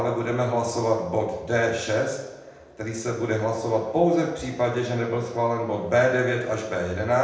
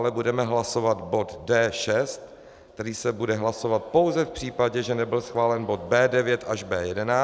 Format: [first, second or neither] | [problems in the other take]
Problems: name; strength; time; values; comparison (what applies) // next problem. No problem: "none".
second | room echo; dies away in 0.8 s